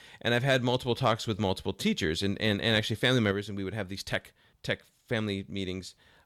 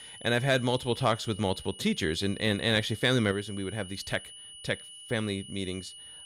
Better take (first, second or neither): first